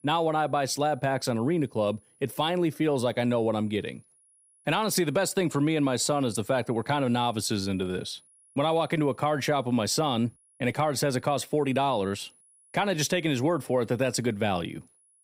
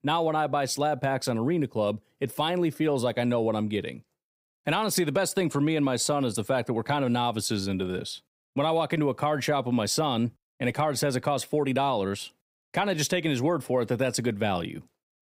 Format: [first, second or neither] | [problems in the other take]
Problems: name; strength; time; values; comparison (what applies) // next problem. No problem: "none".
second | high-pitched whine; faint; throughout; 10.5 kHz, 30 dB below the speech